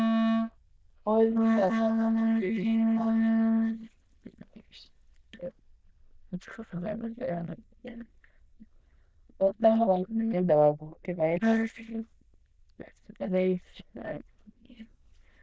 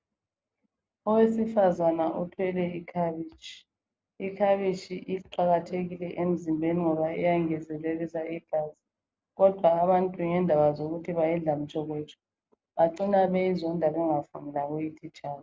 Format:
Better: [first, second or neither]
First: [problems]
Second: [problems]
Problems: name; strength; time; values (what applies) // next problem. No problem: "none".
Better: second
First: noise reduction (neural diffusion model UNIVERSE++)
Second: none